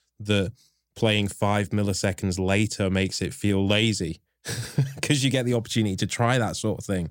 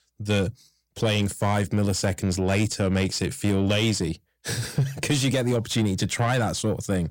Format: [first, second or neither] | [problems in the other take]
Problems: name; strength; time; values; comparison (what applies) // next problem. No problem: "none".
first | distortion; slight; 10 dB below the speech